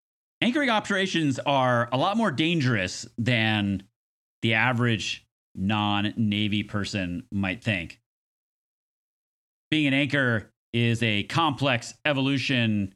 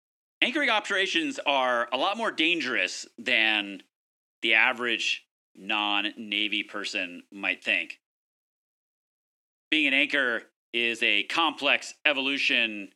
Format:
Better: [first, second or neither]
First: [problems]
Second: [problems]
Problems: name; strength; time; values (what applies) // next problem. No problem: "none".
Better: first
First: none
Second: thin; somewhat; fading below 350 Hz